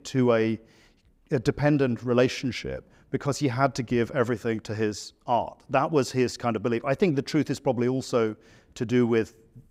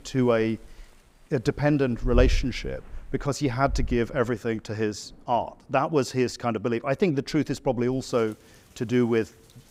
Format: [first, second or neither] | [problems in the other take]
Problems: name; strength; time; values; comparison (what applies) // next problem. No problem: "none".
first | rain or running water; loud; throughout; 8 dB below the speech